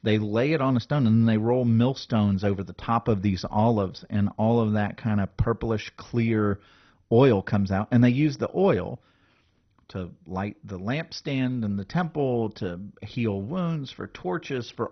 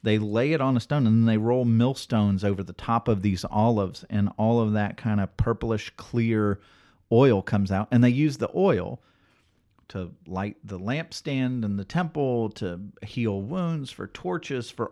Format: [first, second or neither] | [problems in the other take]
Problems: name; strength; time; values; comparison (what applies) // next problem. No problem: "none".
second | garbled, watery; badly; nothing above 6 kHz